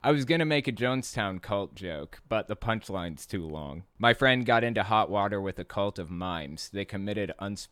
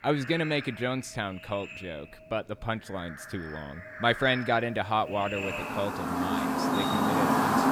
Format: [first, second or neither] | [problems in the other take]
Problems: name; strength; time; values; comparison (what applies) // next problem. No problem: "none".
first | animal sounds; very loud; throughout; as loud as the speech